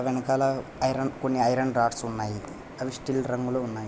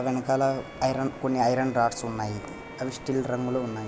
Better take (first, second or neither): first